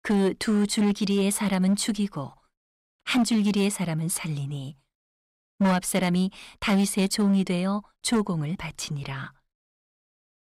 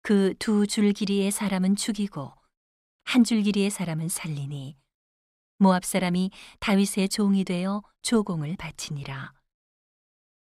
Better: second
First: distortion; slight; 6% of the sound clipped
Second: none

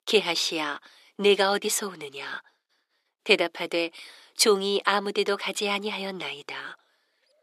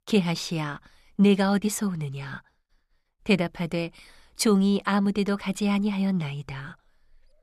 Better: second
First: thin; very; fading below 350 Hz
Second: none

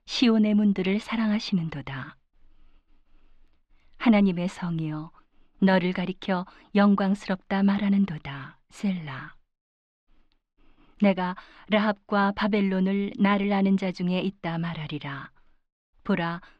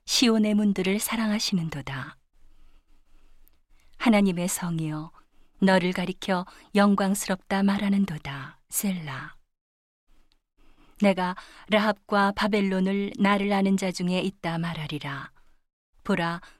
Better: second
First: muffled; very slightly; fading above 4 kHz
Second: none

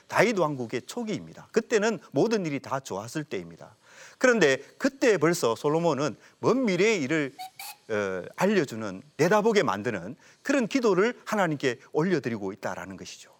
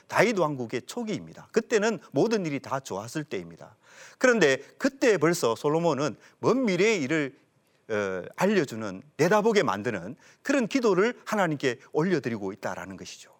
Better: second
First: hiss; faint; throughout; 25 dB below the speech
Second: none

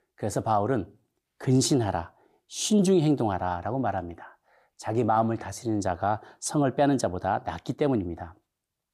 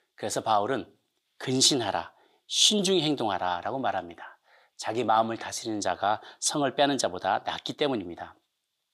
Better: first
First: none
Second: thin; very slightly; fading below 1 kHz

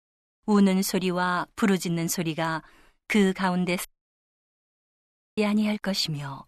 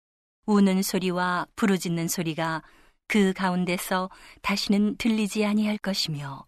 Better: second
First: audio cutting out; at 4 s for 1.5 s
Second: none

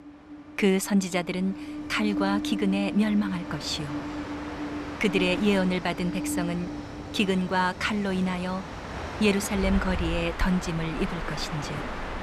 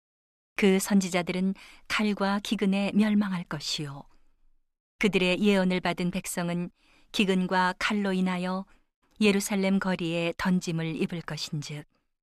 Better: second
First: train or aircraft noise; loud; throughout; 7 dB below the speech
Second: none

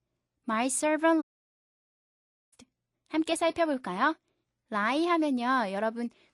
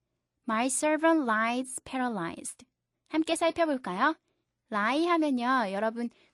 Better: second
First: audio cutting out; at 1 s for 1.5 s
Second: none

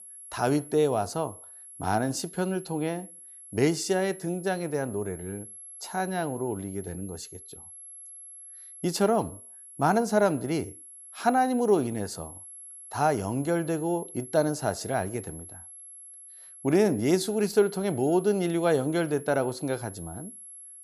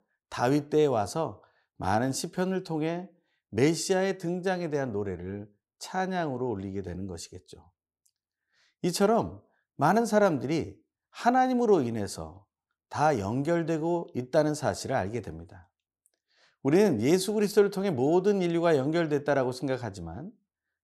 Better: second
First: high-pitched whine; noticeable; throughout; 11 kHz, 15 dB below the speech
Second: none

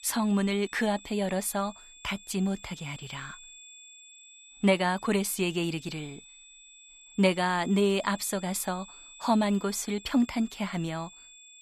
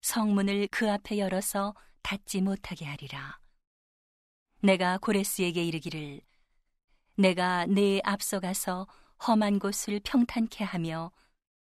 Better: second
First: high-pitched whine; noticeable; throughout; 3.5 kHz, 20 dB below the speech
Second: none

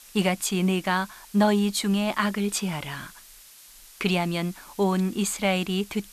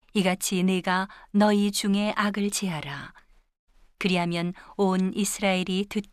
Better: second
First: hiss; faint; throughout; 20 dB below the speech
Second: none

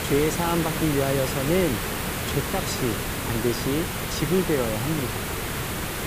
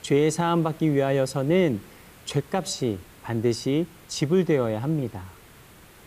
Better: second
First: hiss; loud; throughout; 1 dB below the speech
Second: hiss; faint; throughout; 25 dB below the speech

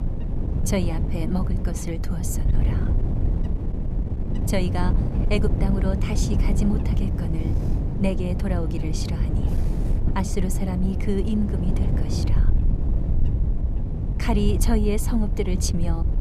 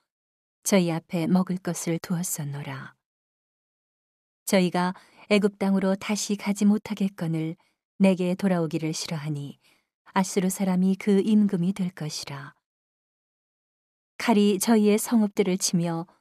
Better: second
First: wind noise on the microphone; heavy; 5 dB below the speech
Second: none

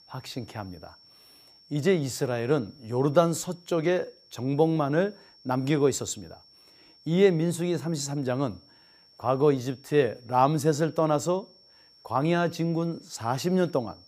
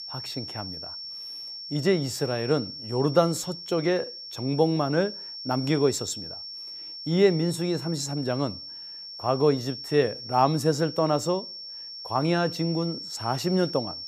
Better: first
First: high-pitched whine; faint; throughout; 5.5 kHz, 25 dB below the speech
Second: high-pitched whine; loud; throughout; 5.5 kHz, 10 dB below the speech

